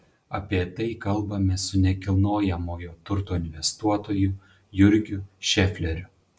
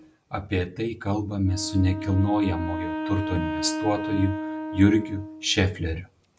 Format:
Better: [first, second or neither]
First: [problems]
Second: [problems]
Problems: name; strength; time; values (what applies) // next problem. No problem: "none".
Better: first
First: none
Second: background sound (Wind instrument, woodwind instrument); 7 dB below the speech